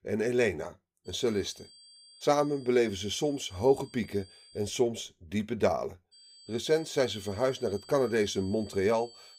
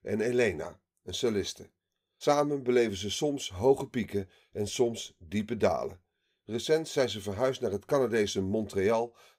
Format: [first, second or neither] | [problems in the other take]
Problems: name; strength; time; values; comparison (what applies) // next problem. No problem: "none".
second | high-pitched whine; faint; from 1 to 4.5 s and from 6 s on; 4.5 kHz, 20 dB below the speech